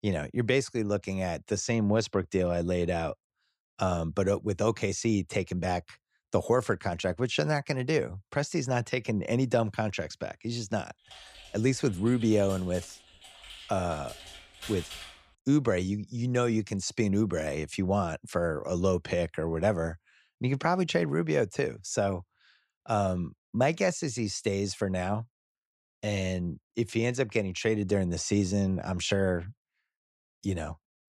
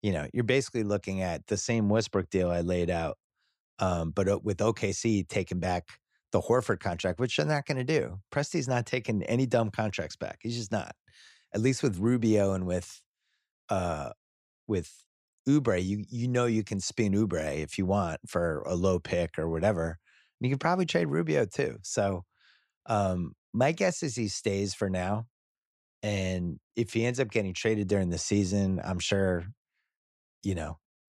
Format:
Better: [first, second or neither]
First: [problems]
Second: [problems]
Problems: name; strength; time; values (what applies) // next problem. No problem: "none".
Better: second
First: keyboard typing; faint; from 11 to 15 s; peak 10 dB below the speech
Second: none